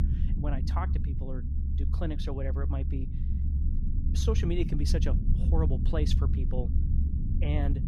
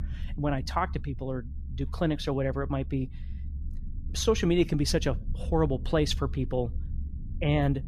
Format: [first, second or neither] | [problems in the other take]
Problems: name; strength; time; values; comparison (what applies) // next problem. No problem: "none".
second | low rumble; loud; throughout; 6 dB below the speech; faint in the second